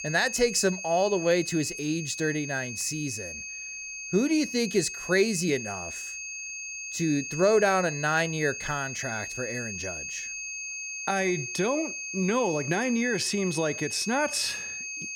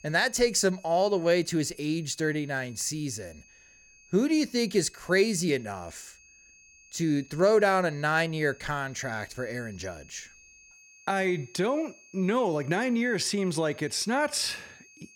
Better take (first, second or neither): second